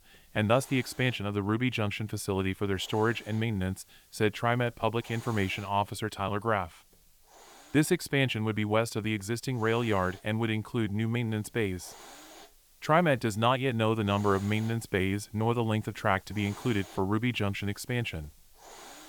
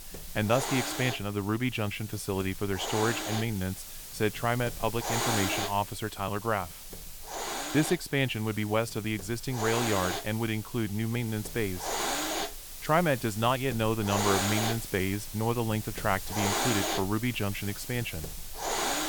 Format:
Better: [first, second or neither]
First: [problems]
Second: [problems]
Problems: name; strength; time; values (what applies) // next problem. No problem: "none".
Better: first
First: hiss; faint; throughout; 25 dB below the speech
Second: hiss; loud; throughout; 4 dB below the speech